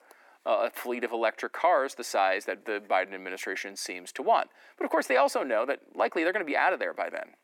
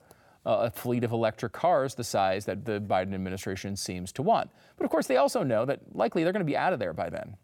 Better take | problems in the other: second | thin; somewhat; fading below 300 Hz

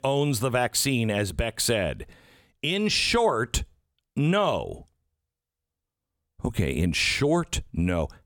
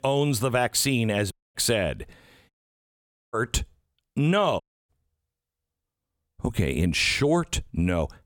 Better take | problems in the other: first | audio cutting out; at 1.5 s, at 2.5 s for 1 s and at 4.5 s

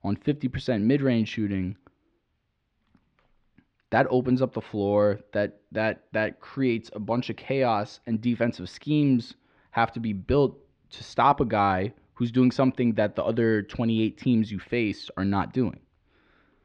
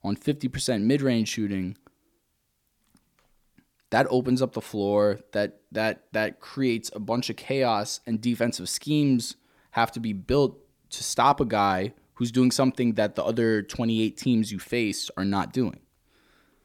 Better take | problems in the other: second | muffled; slightly; fading above 3 kHz

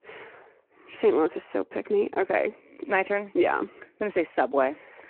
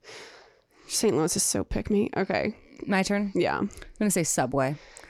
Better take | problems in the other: second | phone-call audio

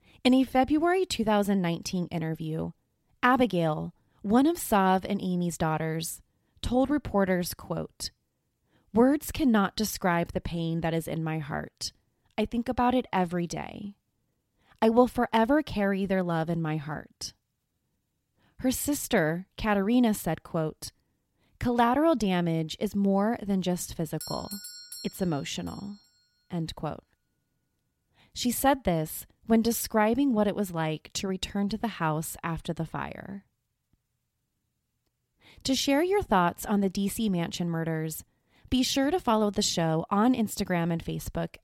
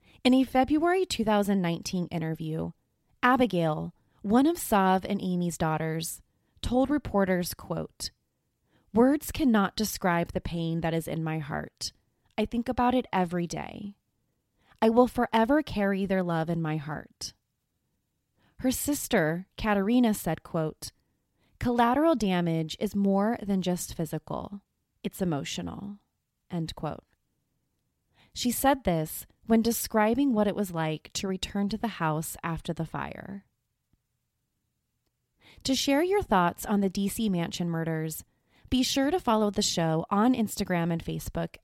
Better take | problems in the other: second | doorbell; faint; from 24 to 26 s; peak 10 dB below the speech

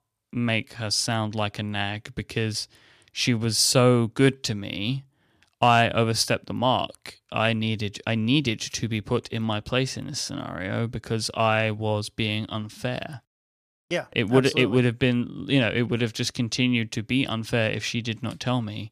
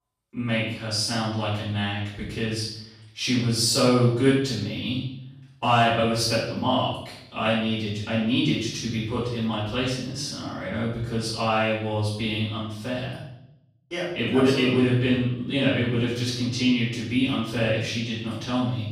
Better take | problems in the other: first | off-mic speech; far // room echo; noticeable; dies away in 0.7 s

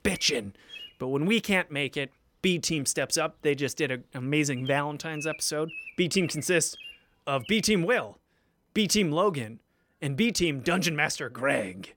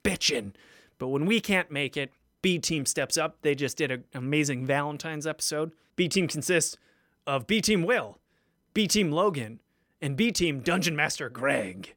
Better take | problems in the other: second | animal sounds; noticeable; throughout; 15 dB below the speech

